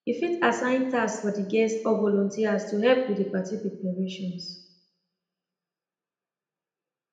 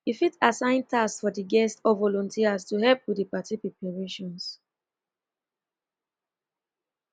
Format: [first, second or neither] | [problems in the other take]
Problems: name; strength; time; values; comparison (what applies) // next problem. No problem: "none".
second | room echo; dies away in 0.7 s